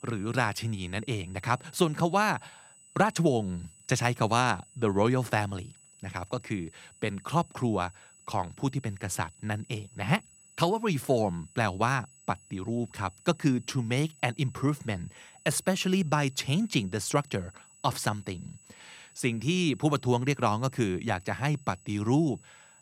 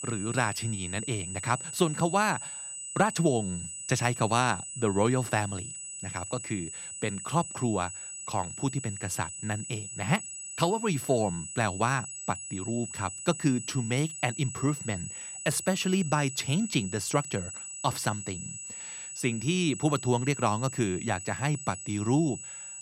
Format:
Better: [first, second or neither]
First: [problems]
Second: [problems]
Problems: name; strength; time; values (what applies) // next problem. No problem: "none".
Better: first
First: high-pitched whine; faint; throughout; 8 kHz, 25 dB below the speech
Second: high-pitched whine; loud; throughout; 8 kHz, 8 dB below the speech